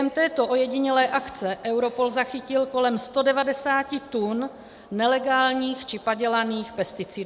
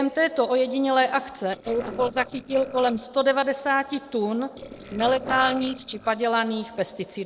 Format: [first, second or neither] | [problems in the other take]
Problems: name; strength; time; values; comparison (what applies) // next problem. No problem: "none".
first | noise reduction (neural separator model SepFormer DNS4)